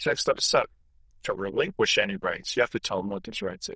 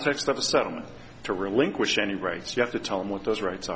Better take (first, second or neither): second